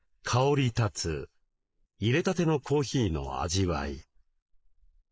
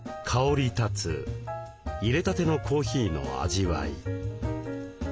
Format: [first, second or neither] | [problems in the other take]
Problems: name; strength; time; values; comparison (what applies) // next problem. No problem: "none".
second | noise reduction (neural mask model Resemble Enhance denoiser)